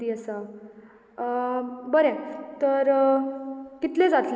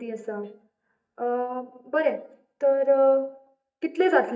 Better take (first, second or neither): first